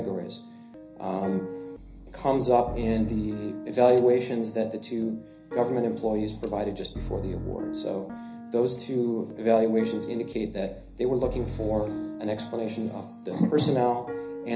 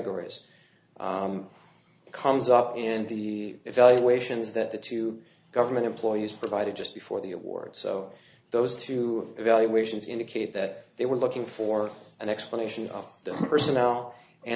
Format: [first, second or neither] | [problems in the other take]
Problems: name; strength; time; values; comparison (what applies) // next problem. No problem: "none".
second | background sound (Piano); 10 dB below the speech // room echo; dies away in 0.5 s